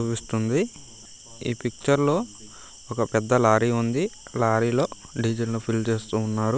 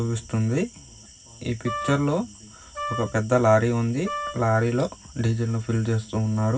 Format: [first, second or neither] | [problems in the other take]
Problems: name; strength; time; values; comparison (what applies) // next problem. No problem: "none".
first | background sound (Wind instrument, woodwind instrument); 10 dB below the speech // room echo; dies away in 0.4 s